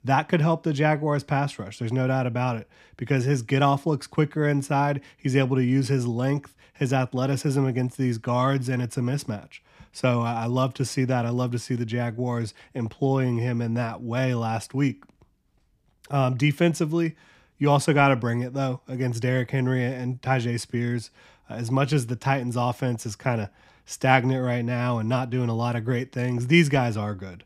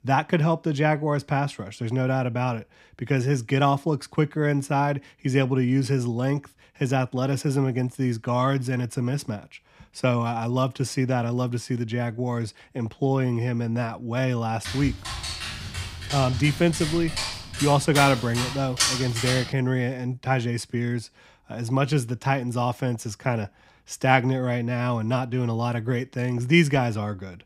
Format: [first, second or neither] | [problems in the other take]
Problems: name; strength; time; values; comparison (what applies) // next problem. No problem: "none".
first | dog barking; loud; from 15 to 19 s; peak 3 dB above the speech